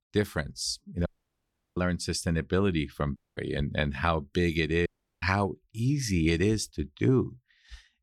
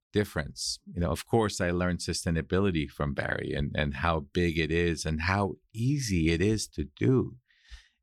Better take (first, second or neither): second